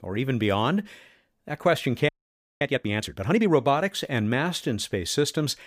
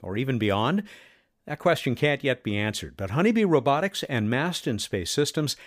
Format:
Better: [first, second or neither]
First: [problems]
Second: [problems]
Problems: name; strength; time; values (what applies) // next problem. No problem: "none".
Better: second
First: audio freezing; at 2 s for 0.5 s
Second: none